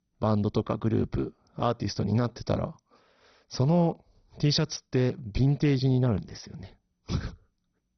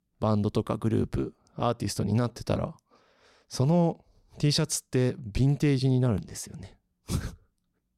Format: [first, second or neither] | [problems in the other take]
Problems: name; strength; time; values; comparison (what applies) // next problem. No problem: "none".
second | garbled, watery; badly; nothing above 6 kHz